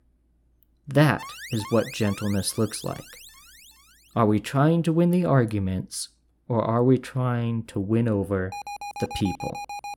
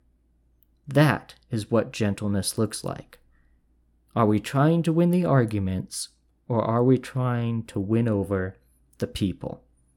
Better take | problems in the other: second | alarm; faint; from 1 to 4 s and from 8.5 s on; peak 10 dB below the speech

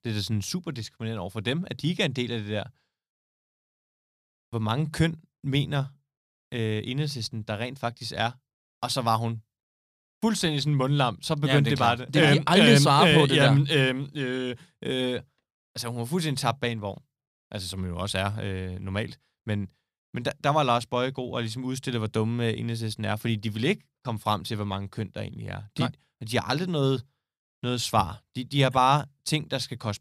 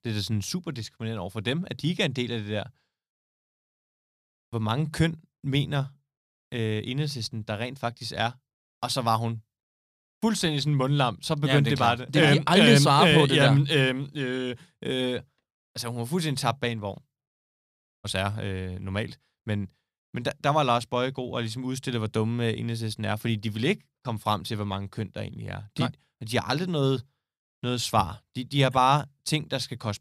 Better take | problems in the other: first | audio cutting out; at 17 s for 0.5 s

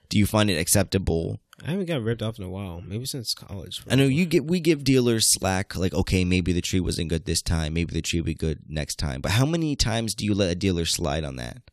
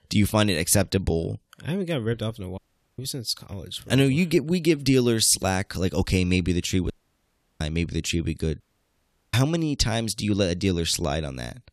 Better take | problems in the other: first | audio cutting out; at 2.5 s, at 7 s for 0.5 s and at 8.5 s for 0.5 s

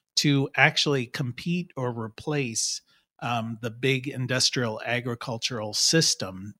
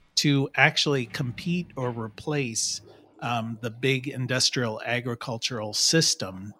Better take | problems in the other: first | household noises; faint; throughout; 30 dB below the speech

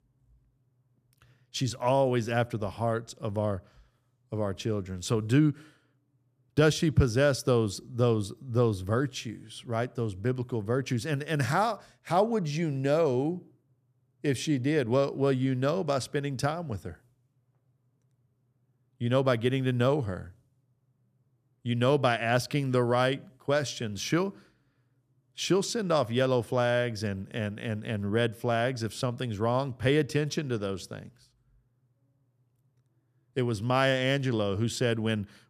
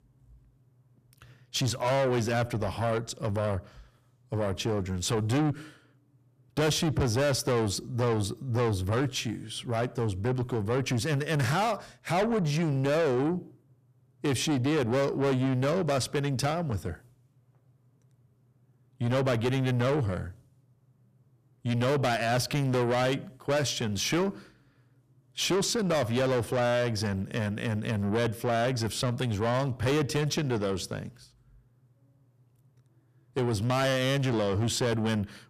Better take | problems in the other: first | distortion; heavy; 6 dB below the speech

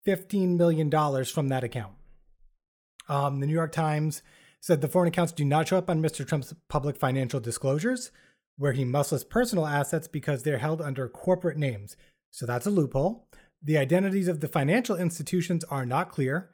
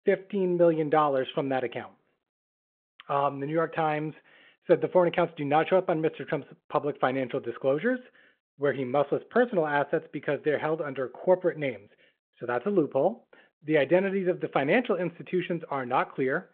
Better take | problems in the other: first | phone-call audio

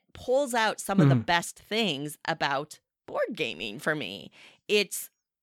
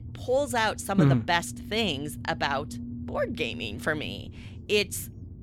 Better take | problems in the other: first | low rumble; faint; throughout; 20 dB below the speech

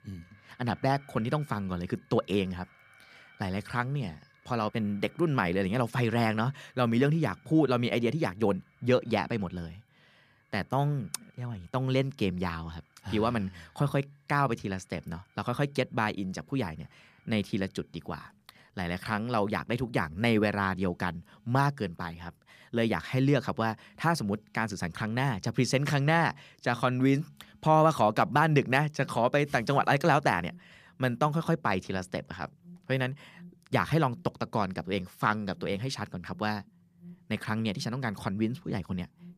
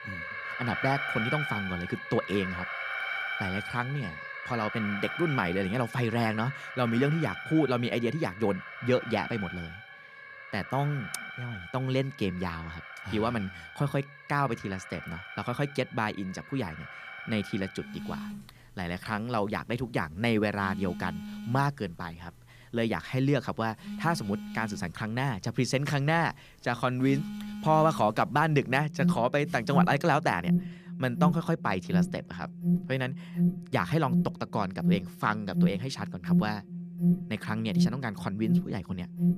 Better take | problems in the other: first | alarms or sirens; loud; throughout; 4 dB below the speech; faint in the first

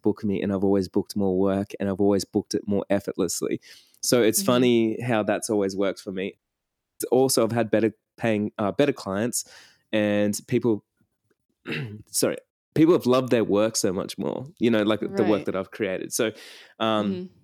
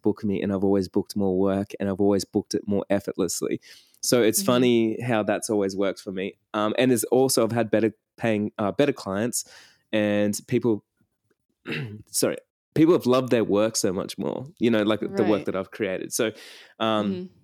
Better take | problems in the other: second | audio cutting out; at 6.5 s for 0.5 s

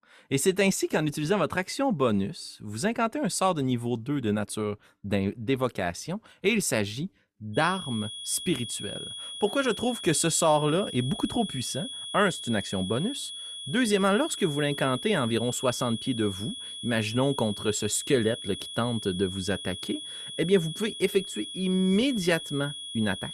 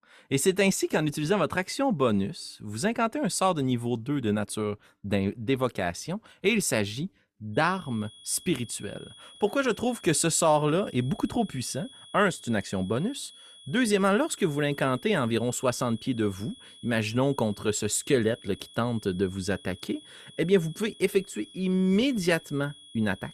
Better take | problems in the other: second | high-pitched whine; loud; from 7.5 s on; 3.5 kHz, 8 dB below the speech; faint in the second

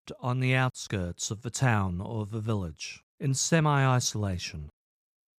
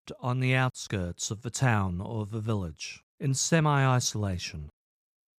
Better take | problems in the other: neither | none

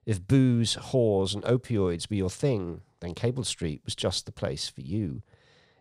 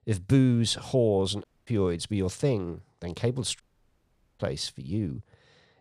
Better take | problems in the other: first | audio cutting out; at 1.5 s and at 3.5 s for 1 s

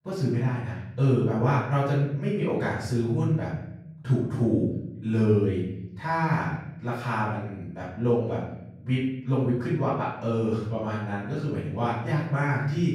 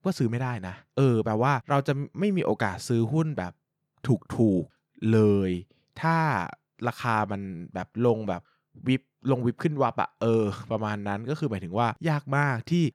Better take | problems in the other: second | off-mic speech; far // room echo; noticeable; dies away in 0.9 s

